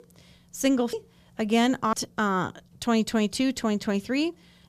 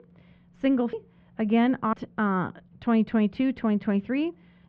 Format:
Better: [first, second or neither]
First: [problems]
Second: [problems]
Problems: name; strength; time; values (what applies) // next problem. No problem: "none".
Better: first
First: none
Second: muffled; very; fading above 2.5 kHz